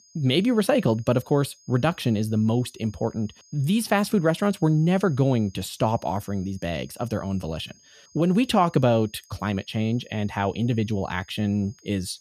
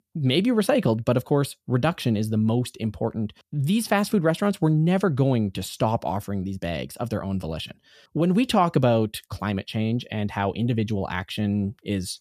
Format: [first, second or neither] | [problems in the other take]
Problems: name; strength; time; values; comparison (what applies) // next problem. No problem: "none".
second | high-pitched whine; faint; throughout; 6.5 kHz, 30 dB below the speech